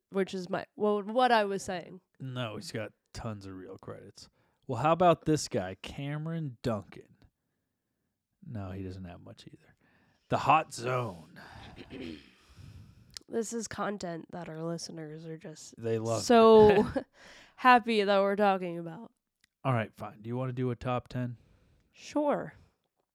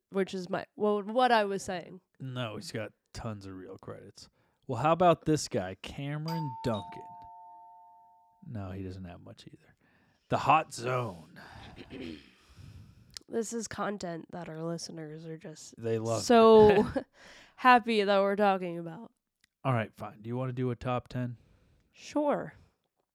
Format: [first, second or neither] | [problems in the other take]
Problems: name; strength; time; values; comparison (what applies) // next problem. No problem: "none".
first | doorbell; faint; from 6.5 to 8 s; peak 10 dB below the speech